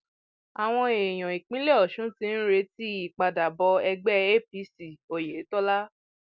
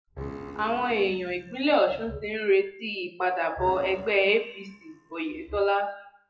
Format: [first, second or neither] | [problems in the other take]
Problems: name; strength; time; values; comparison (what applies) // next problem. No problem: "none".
first | noise reduction (classical method WPE with log-MMSE)